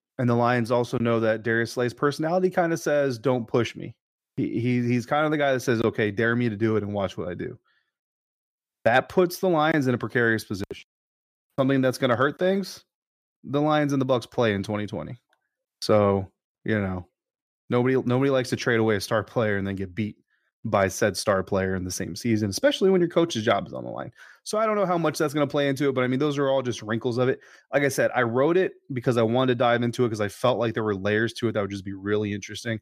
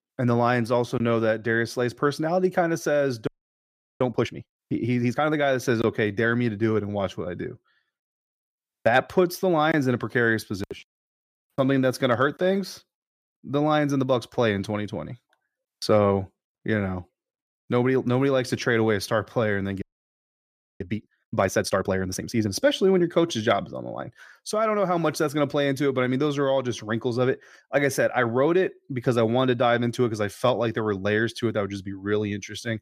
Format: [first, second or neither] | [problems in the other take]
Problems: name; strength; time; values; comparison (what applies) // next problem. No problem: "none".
first | audio freezing; at 3.5 s for 0.5 s and at 20 s for 1 s